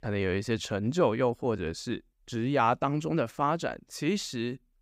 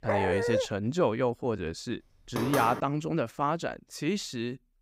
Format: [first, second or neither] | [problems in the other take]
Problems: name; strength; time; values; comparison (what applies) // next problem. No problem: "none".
first | dog barking; loud; at the start; peak 2 dB above the speech // door banging; noticeable; at 2.5 s; peak 1 dB below the speech